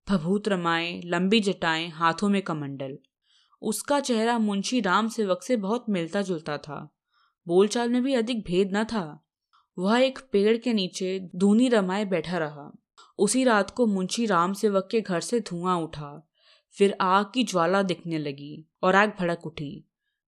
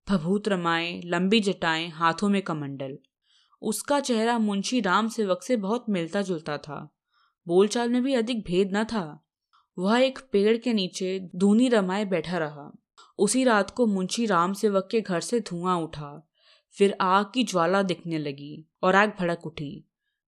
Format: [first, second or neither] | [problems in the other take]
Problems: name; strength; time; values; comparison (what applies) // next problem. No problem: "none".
neither | none